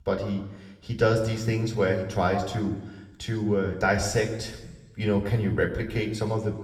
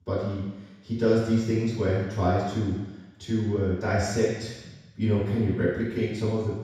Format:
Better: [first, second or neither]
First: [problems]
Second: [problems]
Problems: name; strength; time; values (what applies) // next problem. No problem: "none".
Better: first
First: room echo; slight; dies away in 0.9 s // off-mic speech; somewhat distant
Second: room echo; strong; dies away in 1.1 s // off-mic speech; far